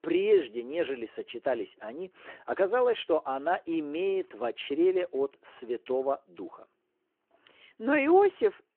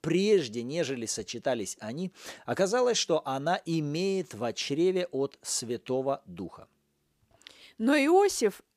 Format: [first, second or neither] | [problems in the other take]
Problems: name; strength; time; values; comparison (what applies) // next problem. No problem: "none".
second | phone-call audio